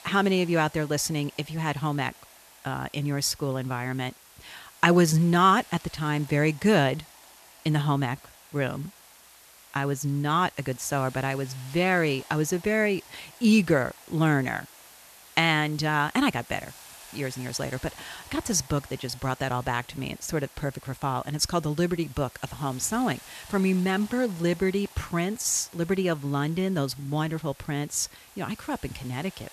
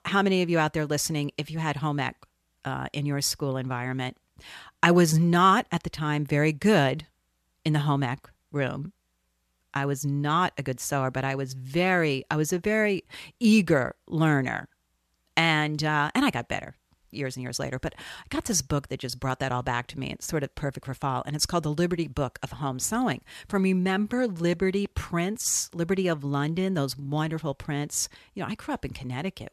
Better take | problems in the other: second | hiss; faint; throughout; 20 dB below the speech

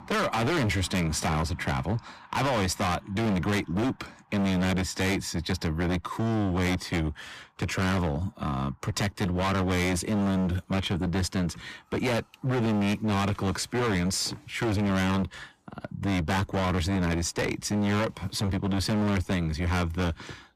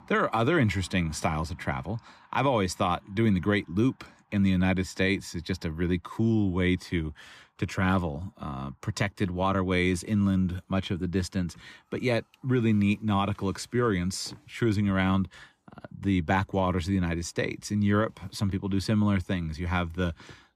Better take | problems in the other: second | distortion; heavy; 32% of the sound clipped

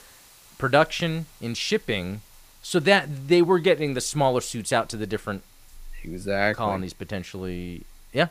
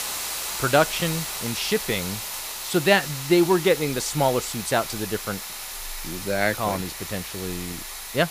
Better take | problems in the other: first | hiss; loud; throughout; 6 dB below the speech; faint in the first

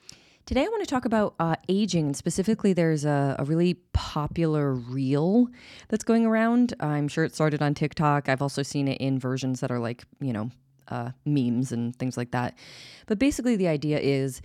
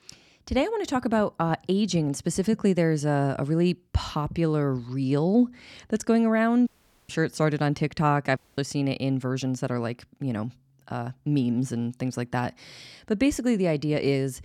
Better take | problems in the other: first | audio cutting out; at 6.5 s and at 8.5 s

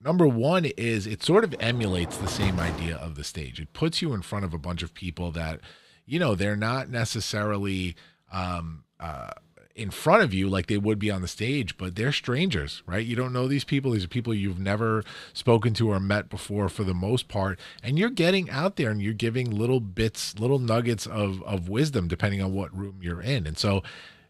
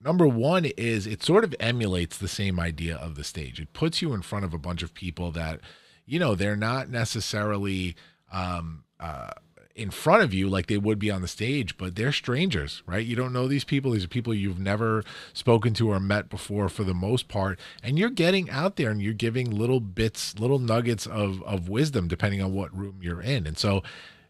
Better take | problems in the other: second | door banging; noticeable; from 1.5 to 3 s; peak 4 dB below the speech

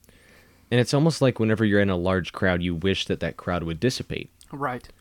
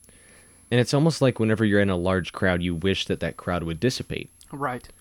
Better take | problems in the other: first | high-pitched whine; faint; throughout; 11 kHz, 30 dB below the speech

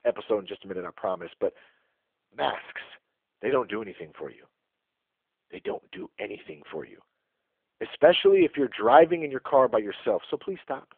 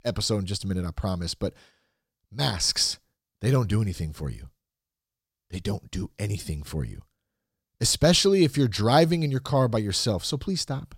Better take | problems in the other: second | phone-call audio; poor line; nothing above 3.5 kHz

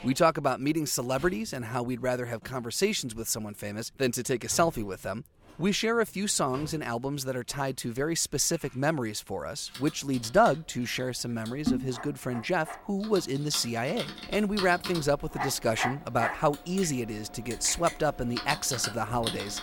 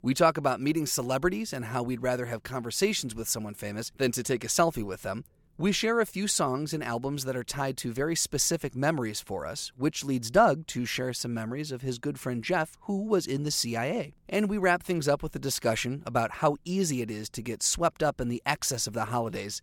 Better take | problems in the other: second | household noises; loud; throughout; 9 dB below the speech

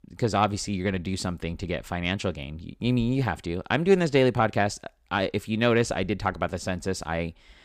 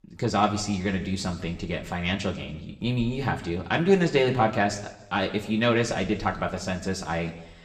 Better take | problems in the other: first | room echo; very slight; dies away in 0.9 s // off-mic speech; somewhat distant

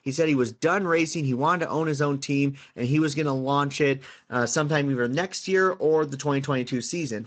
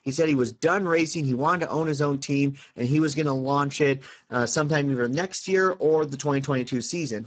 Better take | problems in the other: first | garbled, watery; badly; nothing above 7.5 kHz; slightly in the first

